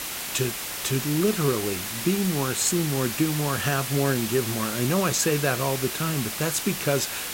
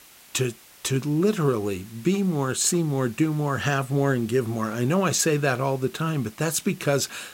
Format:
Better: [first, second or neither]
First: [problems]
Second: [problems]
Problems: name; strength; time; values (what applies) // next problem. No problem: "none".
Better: second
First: hiss; loud; throughout; 4 dB below the speech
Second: hiss; faint; throughout; 25 dB below the speech